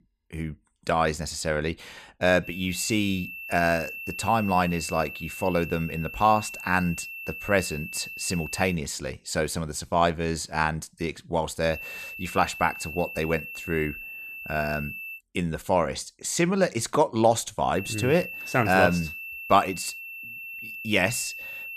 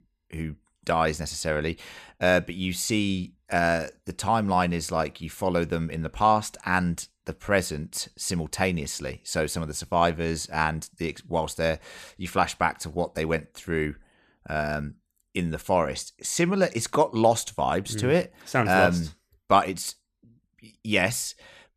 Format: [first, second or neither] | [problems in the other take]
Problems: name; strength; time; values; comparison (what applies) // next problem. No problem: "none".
second | high-pitched whine; loud; from 2.5 to 8.5 s, from 12 to 15 s and from 18 s on; 2.5 kHz, 10 dB below the speech